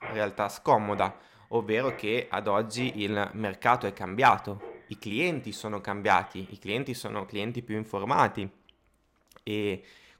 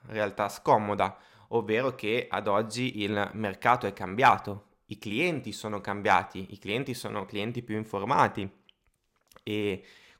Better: second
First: machinery noise; noticeable; throughout; 20 dB below the speech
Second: none

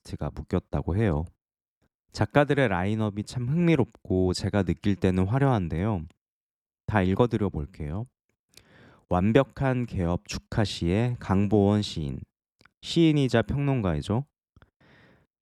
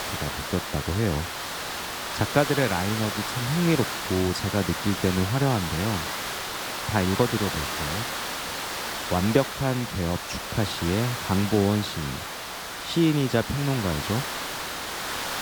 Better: first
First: none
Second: hiss; loud; throughout; 4 dB below the speech

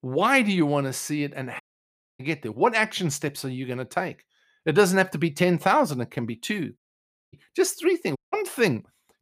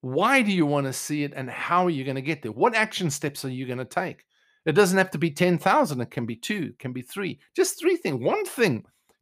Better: second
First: audio cutting out; at 1.5 s for 0.5 s, at 7 s for 0.5 s and at 8 s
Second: none

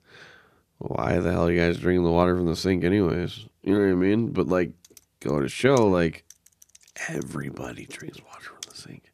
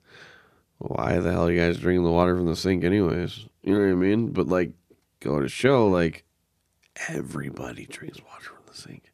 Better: second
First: keyboard typing; faint; from 5 s on; peak 15 dB below the speech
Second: none

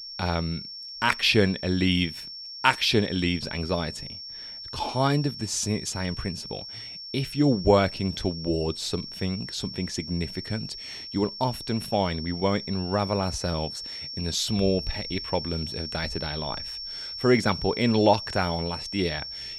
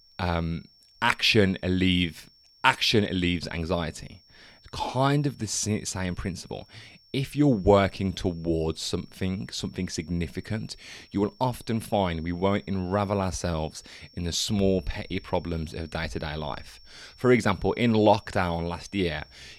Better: second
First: high-pitched whine; loud; throughout; 5.5 kHz, 9 dB below the speech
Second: high-pitched whine; faint; throughout; 5.5 kHz, 30 dB below the speech

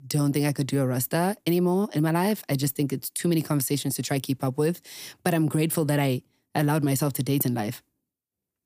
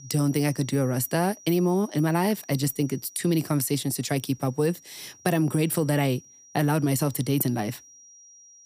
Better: first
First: none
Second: high-pitched whine; faint; throughout; 6 kHz, 25 dB below the speech

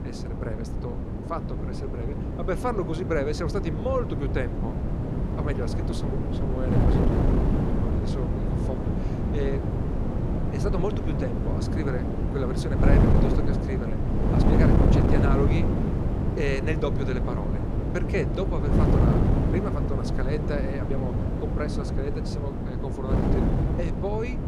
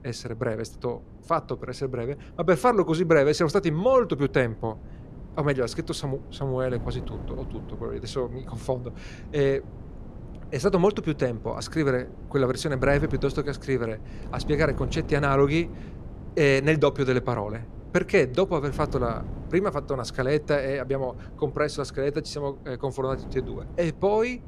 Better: second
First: wind noise on the microphone; heavy; 1 dB above the speech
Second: wind noise on the microphone; occasional gusts; 20 dB below the speech

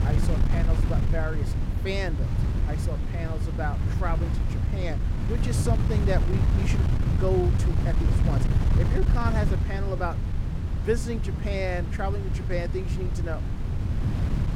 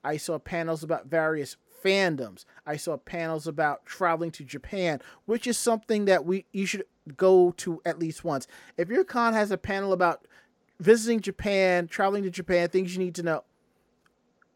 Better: second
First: wind noise on the microphone; heavy; 4 dB below the speech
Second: none

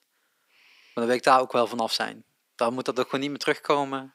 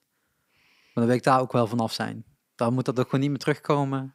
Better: second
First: thin; somewhat; fading below 350 Hz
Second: none

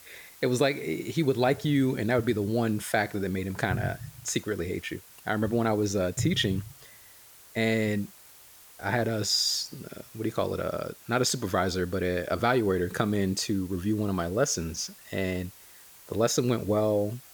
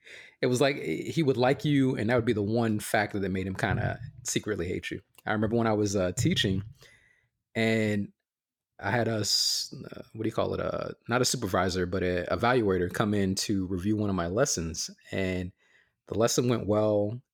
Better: second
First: hiss; faint; throughout; 20 dB below the speech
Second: none

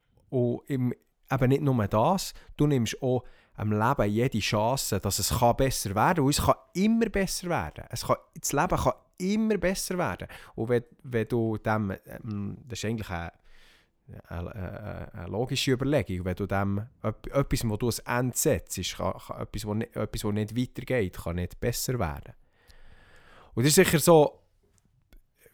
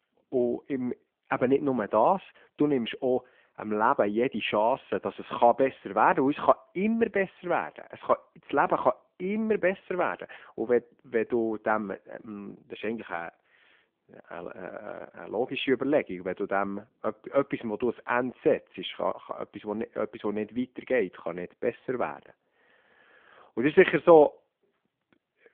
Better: first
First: none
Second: phone-call audio; nothing above 3.5 kHz

